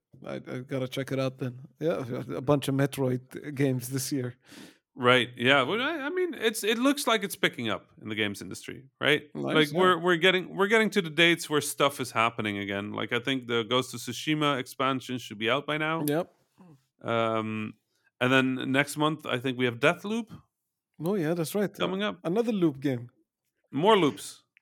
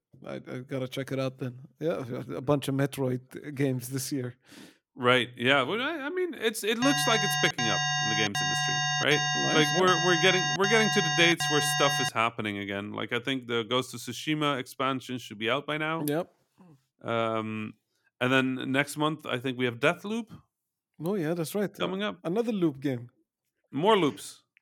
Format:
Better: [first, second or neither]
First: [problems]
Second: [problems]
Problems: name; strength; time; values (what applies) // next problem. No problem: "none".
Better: first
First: none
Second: alarm; loud; from 7 to 12 s; peak 2 dB above the speech